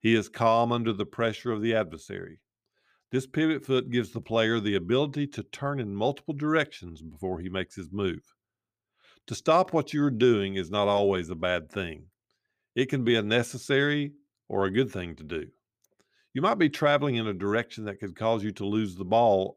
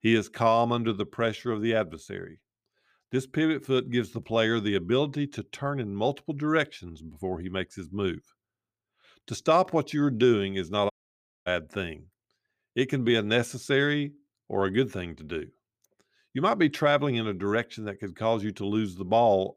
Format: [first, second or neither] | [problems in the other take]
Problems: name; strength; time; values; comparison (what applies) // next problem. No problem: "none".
first | audio cutting out; at 11 s for 0.5 s